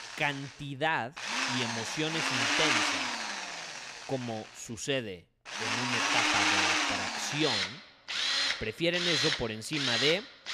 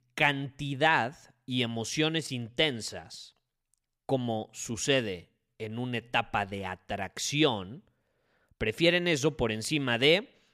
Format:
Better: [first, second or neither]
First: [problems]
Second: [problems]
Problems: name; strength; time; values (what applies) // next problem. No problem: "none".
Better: second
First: machinery noise; very loud; throughout; 4 dB above the speech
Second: none